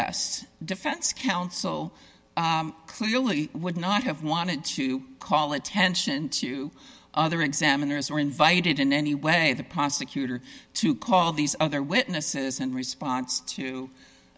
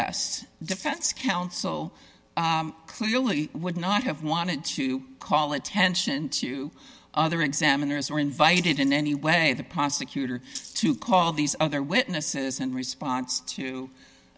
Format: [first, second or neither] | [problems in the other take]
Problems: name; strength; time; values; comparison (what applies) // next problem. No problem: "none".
first | background sound (Rattle (instrument)); 19 dB below the speech